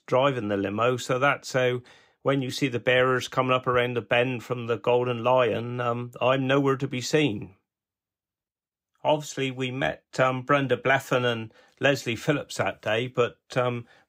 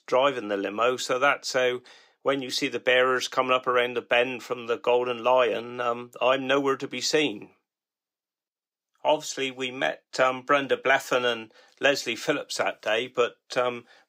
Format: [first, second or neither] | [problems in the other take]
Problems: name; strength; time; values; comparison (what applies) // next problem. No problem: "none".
first | thin; very slightly; fading below 350 Hz